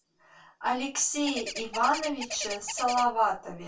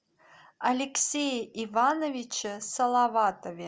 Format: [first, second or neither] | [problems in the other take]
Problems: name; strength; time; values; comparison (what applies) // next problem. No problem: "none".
second | background sound (Bird); 8 dB below the speech // room echo; dies away in 0.2 s